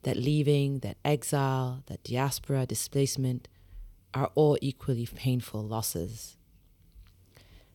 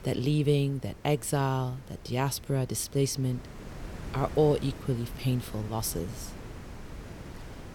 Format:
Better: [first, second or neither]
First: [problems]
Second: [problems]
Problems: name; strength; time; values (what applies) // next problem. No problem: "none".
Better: first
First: none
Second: wind noise on the microphone; occasional gusts; 15 dB below the speech